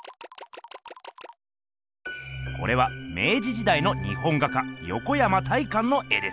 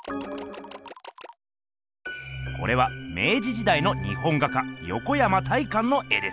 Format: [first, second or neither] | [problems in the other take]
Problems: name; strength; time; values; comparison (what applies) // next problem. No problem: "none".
first | background sound (Organ); 10 dB below the speech